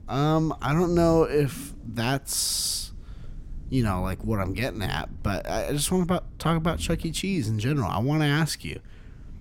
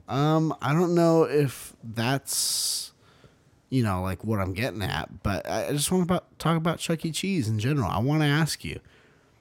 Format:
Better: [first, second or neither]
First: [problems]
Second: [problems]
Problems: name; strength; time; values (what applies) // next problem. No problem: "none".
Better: second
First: low rumble; faint; throughout; 25 dB below the speech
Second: none